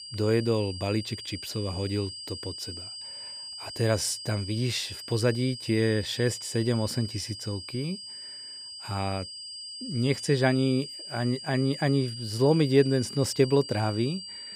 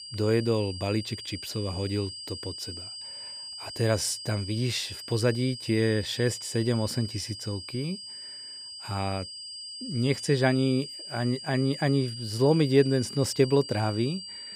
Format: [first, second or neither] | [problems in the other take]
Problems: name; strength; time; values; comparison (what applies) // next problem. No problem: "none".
neither | high-pitched whine; loud; throughout; 5 kHz, 10 dB below the speech; the same in both